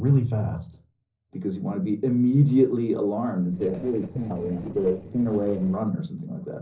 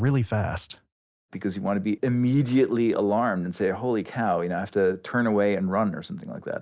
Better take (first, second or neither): second